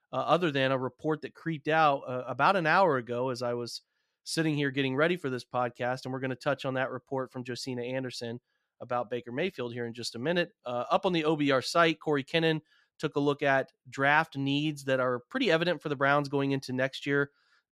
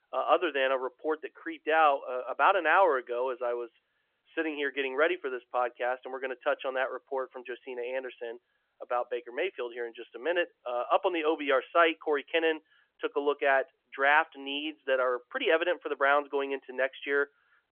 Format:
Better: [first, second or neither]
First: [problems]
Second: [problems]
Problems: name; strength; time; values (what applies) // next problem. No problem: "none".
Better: first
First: none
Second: phone-call audio; nothing above 3.5 kHz